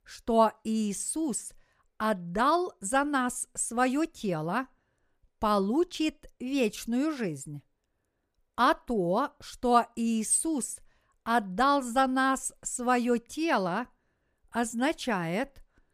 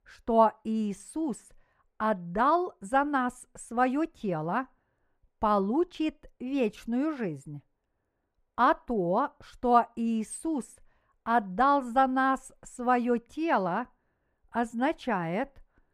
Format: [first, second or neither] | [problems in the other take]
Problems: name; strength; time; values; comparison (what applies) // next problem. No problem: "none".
first | muffled; slightly; fading above 3.5 kHz